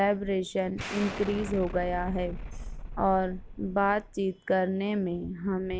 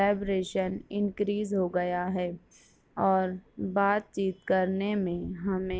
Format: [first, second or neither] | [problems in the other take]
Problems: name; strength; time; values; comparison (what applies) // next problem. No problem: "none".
second | background sound (Explosion); 9 dB below the speech